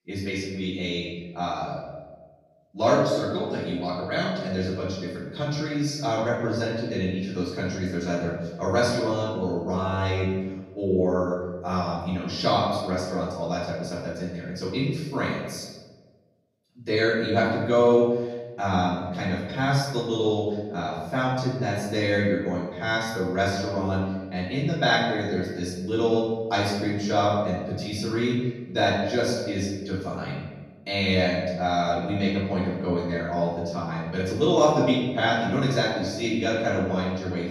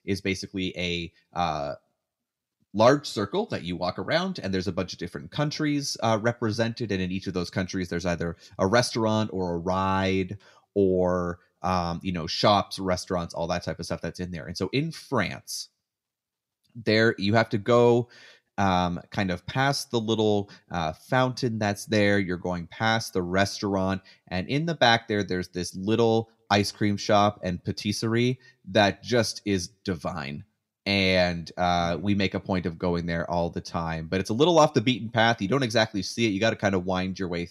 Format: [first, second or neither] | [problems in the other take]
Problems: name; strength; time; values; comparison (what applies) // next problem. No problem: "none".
second | room echo; noticeable; dies away in 1.1 s // off-mic speech; far